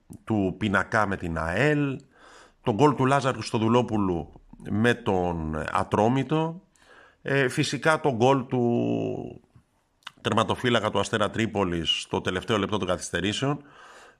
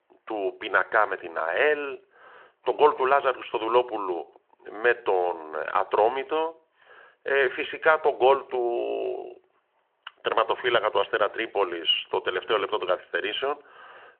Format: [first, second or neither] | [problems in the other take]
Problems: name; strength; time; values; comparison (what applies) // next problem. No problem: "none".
first | phone-call audio